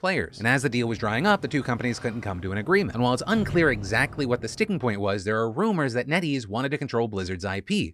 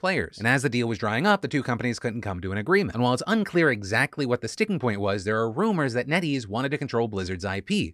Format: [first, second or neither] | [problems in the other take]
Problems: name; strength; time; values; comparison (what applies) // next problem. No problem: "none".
second | door banging; noticeable; until 5 s; peak 9 dB below the speech